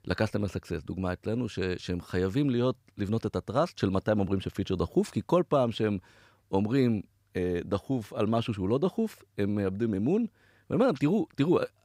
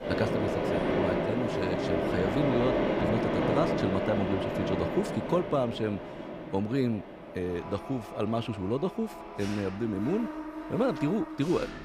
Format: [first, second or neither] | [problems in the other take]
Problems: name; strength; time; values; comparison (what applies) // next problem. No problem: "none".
first | machinery noise; very loud; throughout; as loud as the speech